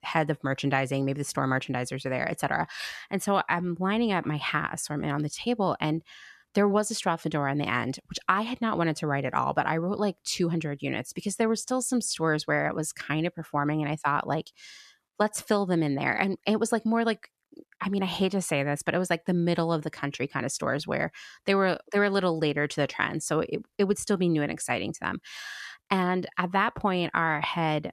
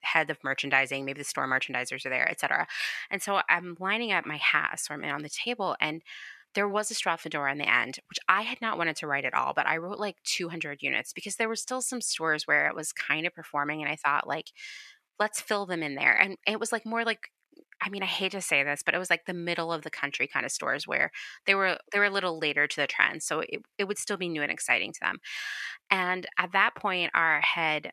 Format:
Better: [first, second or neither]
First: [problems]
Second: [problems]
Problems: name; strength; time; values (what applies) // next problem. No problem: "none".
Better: first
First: none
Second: thin; somewhat; fading below 700 Hz